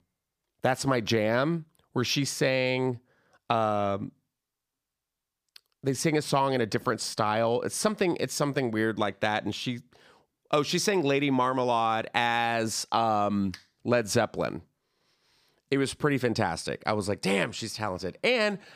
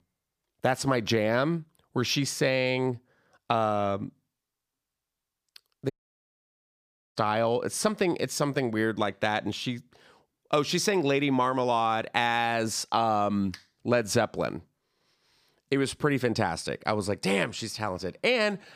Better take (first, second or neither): first